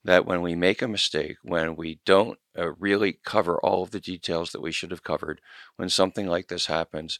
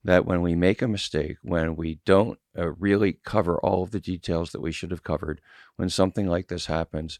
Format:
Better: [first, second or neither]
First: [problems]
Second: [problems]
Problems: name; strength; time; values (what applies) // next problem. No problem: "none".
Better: second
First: thin; very slightly; fading below 1 kHz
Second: none